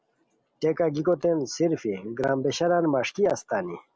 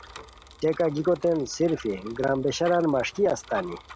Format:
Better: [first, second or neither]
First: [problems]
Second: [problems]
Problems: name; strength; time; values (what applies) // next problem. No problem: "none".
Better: first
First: none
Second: background sound (Bicycle); 19 dB below the speech